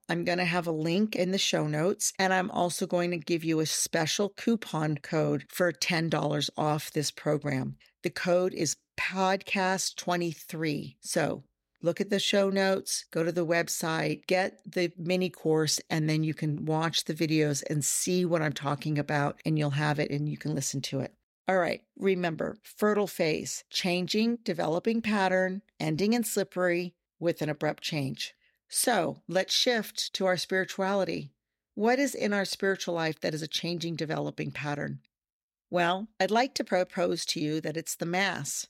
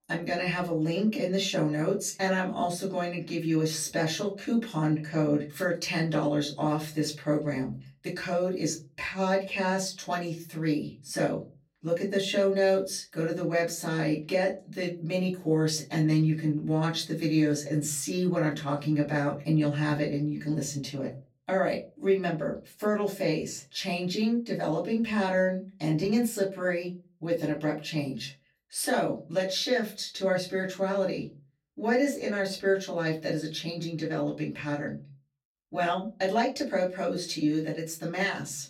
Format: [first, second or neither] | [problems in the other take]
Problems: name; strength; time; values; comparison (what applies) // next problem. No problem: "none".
first | off-mic speech; far // room echo; very slight; dies away in 0.3 s